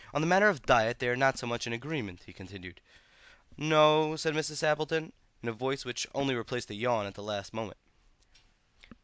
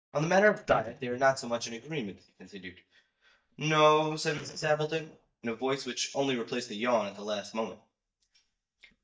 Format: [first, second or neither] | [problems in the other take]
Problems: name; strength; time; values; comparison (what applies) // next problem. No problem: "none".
first | noise reduction (neural mask model DeepFilterNet 3)